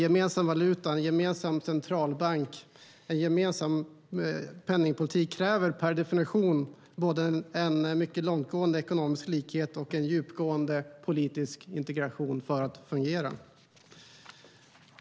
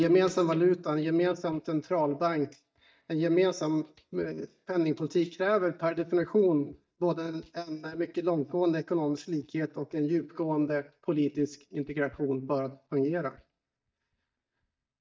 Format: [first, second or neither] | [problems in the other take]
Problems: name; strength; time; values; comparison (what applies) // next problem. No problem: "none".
first | noise reduction (neural mask model DeepFilterNet 3)